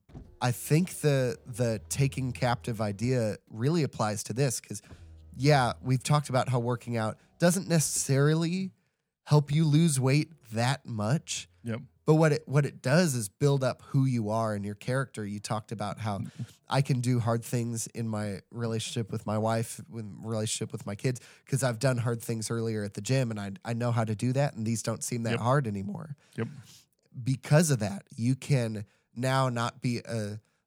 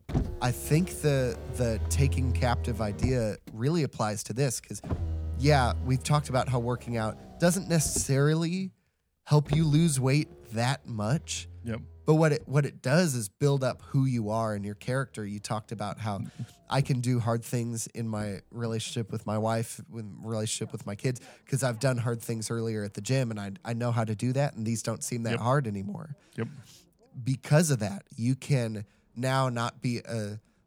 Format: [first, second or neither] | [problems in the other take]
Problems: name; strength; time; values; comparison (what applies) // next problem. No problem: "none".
first | traffic noise; loud; throughout; 8 dB below the speech; faint in the first